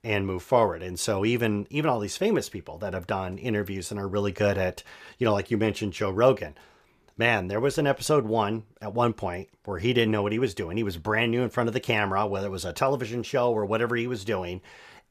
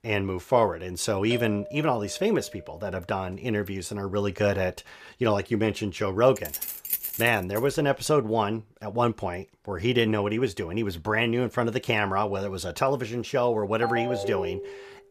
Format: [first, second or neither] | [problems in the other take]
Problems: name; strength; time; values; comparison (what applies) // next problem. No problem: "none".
first | doorbell; noticeable; from 1.5 to 3 s; peak 9 dB below the speech // jangling keys; noticeable; from 6.5 to 7.5 s; peak 1 dB below the speech // phone ringing; noticeable; from 14 s on; peak 3 dB below the speech